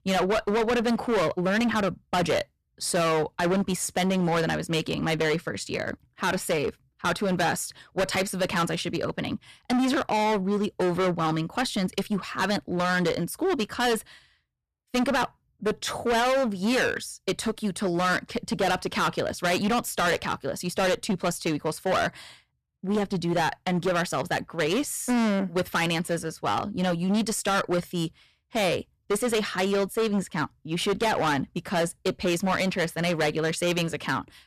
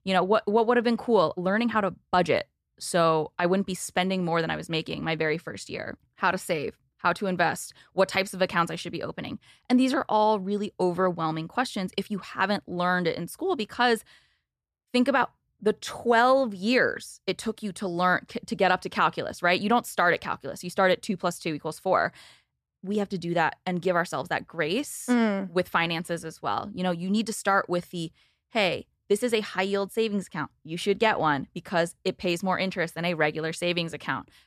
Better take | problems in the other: second | distortion; heavy; 18% of the sound clipped

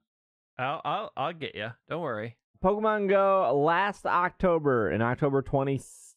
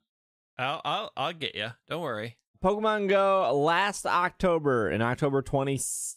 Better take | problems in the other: second | muffled; very; fading above 3.5 kHz

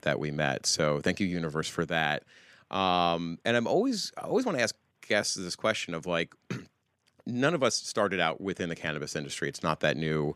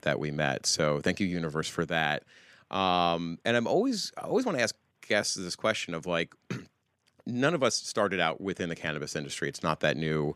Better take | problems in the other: neither | none

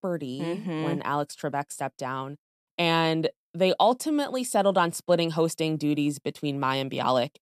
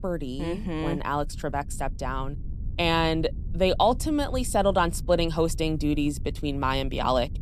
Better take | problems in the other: first | low rumble; faint; throughout; 25 dB below the speech

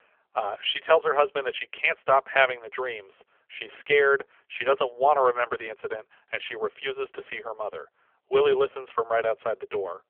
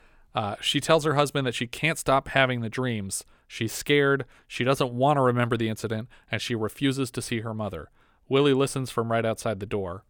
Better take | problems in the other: second | phone-call audio; poor line; nothing above 3.5 kHz

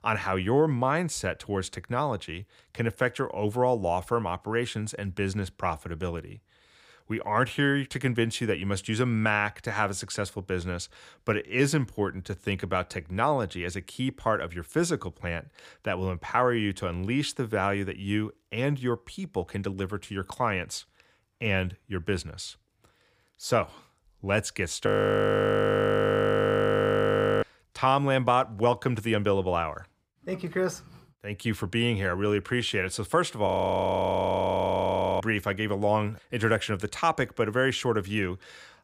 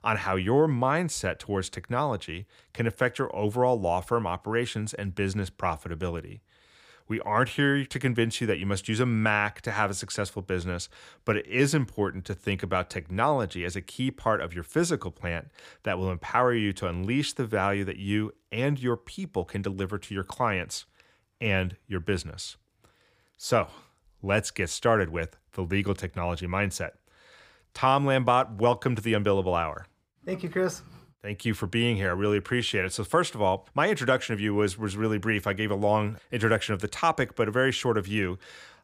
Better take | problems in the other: second | audio freezing; at 25 s for 2.5 s and at 33 s for 1.5 s

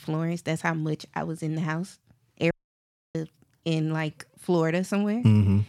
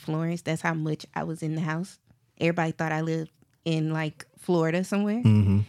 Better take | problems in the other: second | audio cutting out; at 2.5 s for 0.5 s

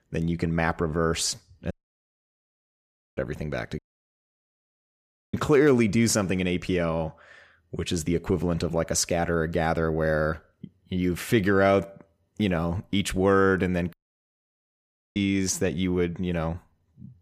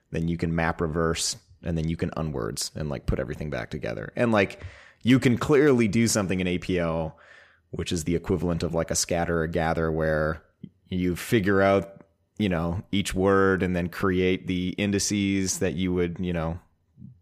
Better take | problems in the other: second | audio cutting out; at 1.5 s for 1.5 s, at 4 s for 1.5 s and at 14 s for 1 s

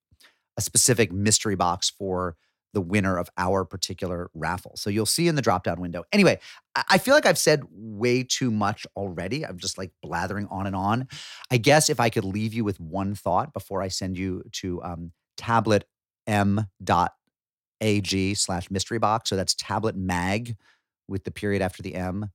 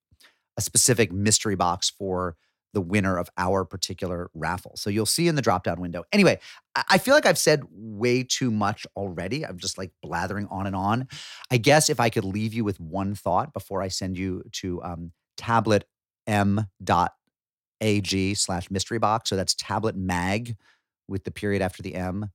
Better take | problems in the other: neither | none

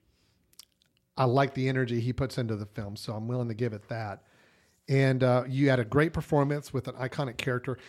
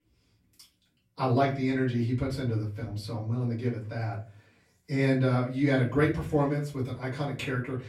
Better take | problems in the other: first | room echo; slight; dies away in 0.3 s // off-mic speech; far

